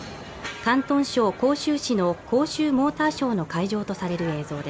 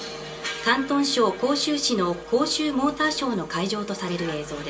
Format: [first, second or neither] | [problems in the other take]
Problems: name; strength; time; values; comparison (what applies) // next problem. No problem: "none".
first | background sound (Wind instrument, woodwind instrument); 17 dB below the speech // room echo; dies away in 0.2 s